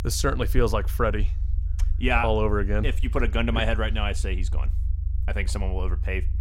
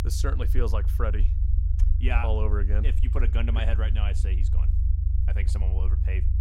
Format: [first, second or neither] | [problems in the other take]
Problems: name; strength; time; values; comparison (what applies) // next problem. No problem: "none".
first | low rumble; loud; throughout; 9 dB below the speech; faint in the first